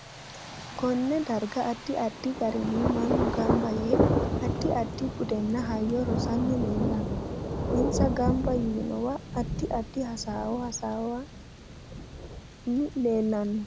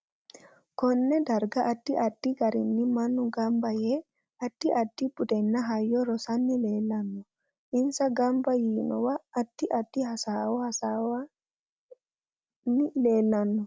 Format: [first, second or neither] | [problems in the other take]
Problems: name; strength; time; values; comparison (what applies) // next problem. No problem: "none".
second | background sound (Thunder); 1 dB below the speech